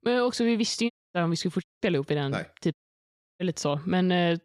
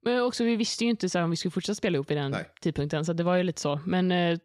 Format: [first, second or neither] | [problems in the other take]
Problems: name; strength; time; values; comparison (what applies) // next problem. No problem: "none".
second | audio cutting out; at 1 s, at 1.5 s and at 2.5 s for 0.5 s